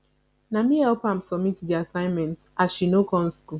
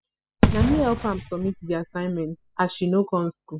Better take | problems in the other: first | noise reduction (classical method spectral subtraction)

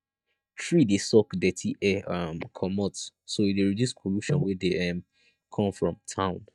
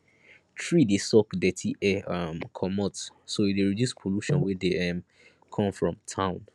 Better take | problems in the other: second | noise reduction (neural mask model DeepFilterNet 3)

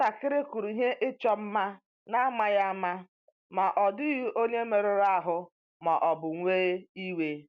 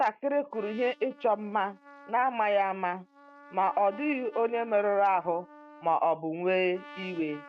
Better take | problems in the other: first | noise reduction (neural mask model RNNoise)

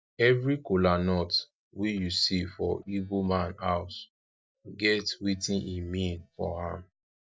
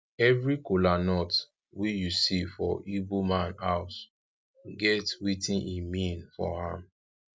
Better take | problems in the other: second | noise reduction (neural mask model DeepFilterNet 3)

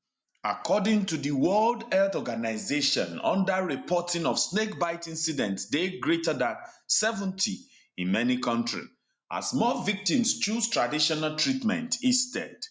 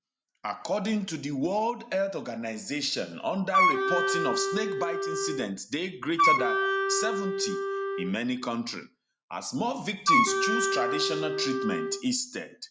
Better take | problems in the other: first | background sound (Wind instrument, woodwind instrument); 4 dB above the speech

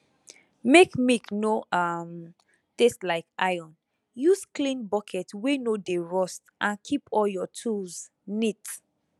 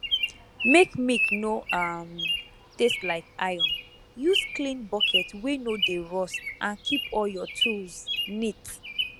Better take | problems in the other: first | background sound (Bird vocalization, bird call, bird song); 2 dB below the speech

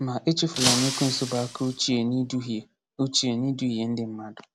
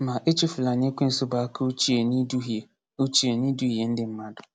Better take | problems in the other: second | background sound (Shatter); 4 dB below the speech

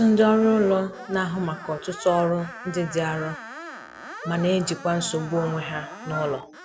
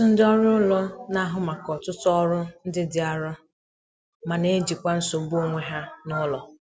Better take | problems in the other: second | background sound (Screech); 15 dB below the speech

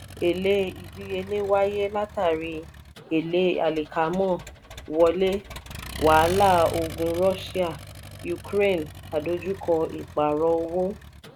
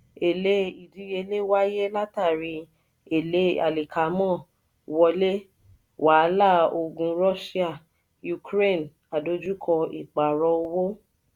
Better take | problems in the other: second | background sound (Accelerating, revving, vroom); 14 dB below the speech

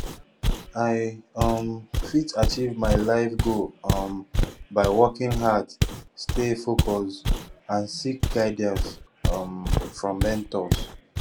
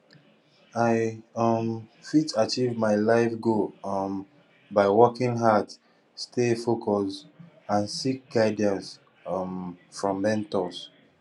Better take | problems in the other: second | background sound (Walk, footsteps); 2 dB below the speech

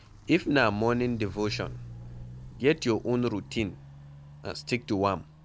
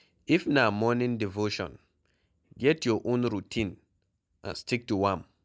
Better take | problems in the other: second | background sound (Walk, footsteps); 15 dB below the speech

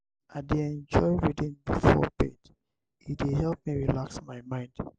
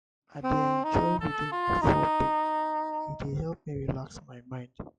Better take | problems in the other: first | noise reduction (classical method log-MMSE)

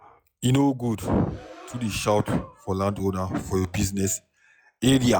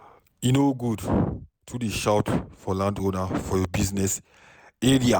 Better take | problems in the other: second | noise reduction (classical method log-MMSE)

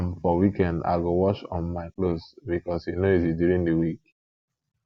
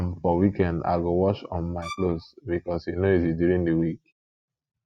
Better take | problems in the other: first | noise reduction (neural mask model RNNoise)

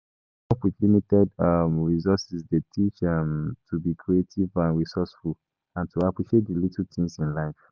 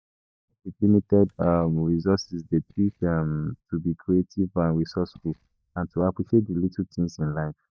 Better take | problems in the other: first | noise reduction (neural mask model DeepFilterNet 3)

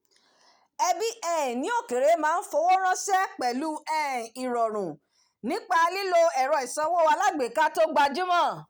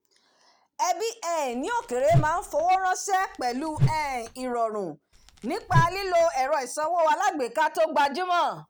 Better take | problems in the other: first | background sound (Whoosh, swoosh, swish); 4 dB below the speech

